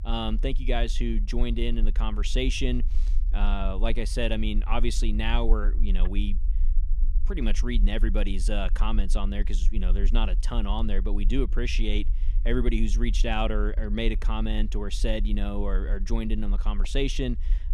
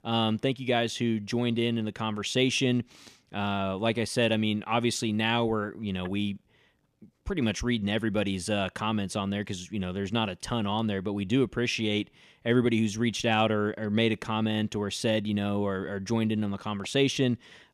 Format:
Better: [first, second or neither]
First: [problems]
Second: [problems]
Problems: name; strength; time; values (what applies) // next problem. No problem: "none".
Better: second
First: low rumble; faint; throughout; 20 dB below the speech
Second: none